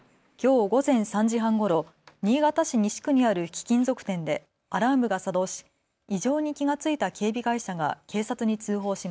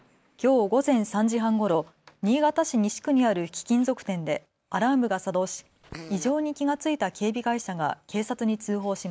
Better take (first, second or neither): first